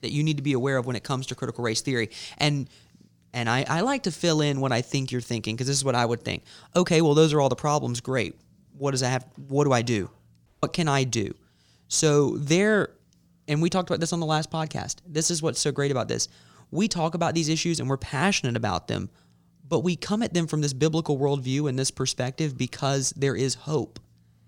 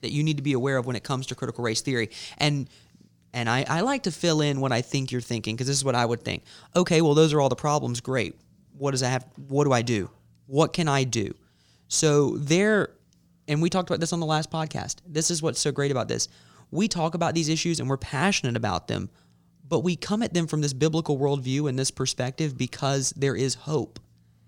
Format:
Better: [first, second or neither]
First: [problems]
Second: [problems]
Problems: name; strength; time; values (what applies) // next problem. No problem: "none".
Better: second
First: audio cutting out; at 10 s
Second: none